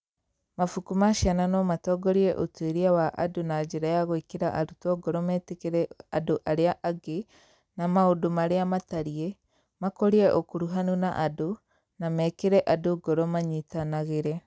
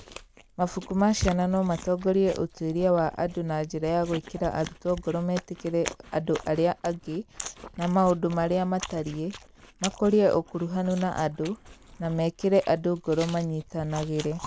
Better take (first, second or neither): first